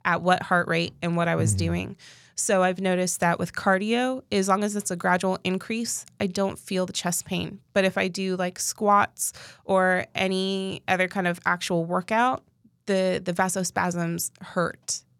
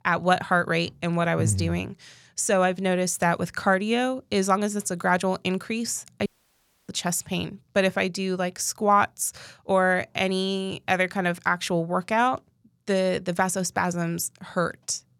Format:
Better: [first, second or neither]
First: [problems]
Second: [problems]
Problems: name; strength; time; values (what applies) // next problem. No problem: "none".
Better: first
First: none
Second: audio cutting out; at 6.5 s for 0.5 s